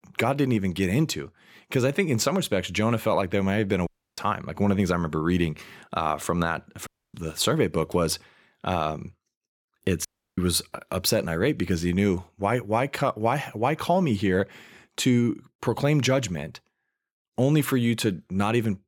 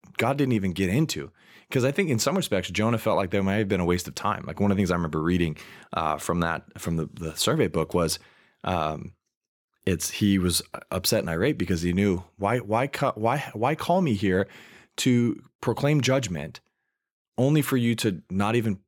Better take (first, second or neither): second